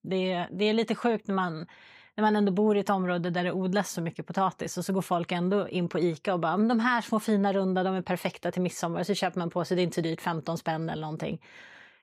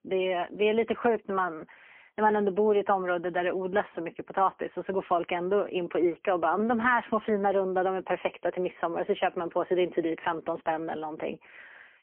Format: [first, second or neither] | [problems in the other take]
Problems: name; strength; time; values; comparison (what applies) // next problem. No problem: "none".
first | phone-call audio; poor line; nothing above 3 kHz